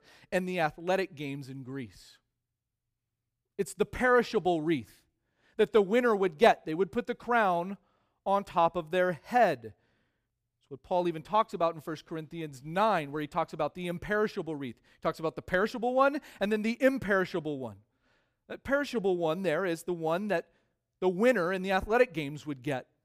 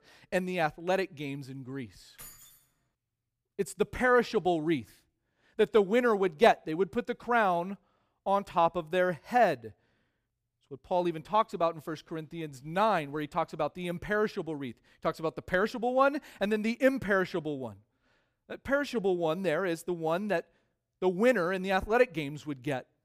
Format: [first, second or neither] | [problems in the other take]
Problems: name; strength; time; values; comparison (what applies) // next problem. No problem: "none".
first | jangling keys; faint; at 2 s; peak 20 dB below the speech